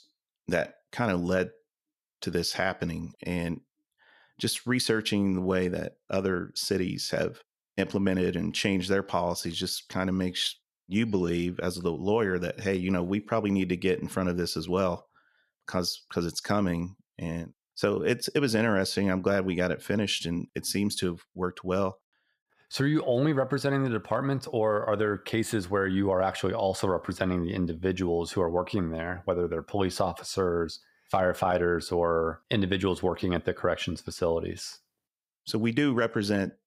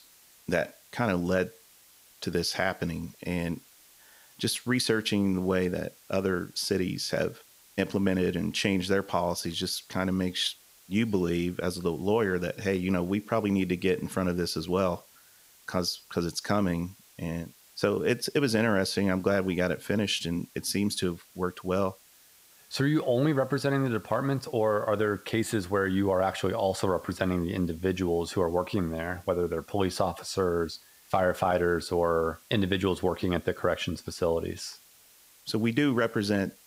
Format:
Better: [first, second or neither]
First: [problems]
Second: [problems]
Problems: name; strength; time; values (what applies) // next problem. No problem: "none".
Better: first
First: none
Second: hiss; faint; throughout; 25 dB below the speech